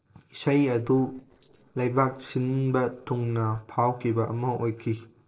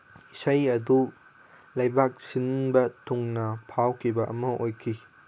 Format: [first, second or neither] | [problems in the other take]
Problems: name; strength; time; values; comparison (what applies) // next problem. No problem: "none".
second | noise reduction (neural separator model SepFormer DNS4)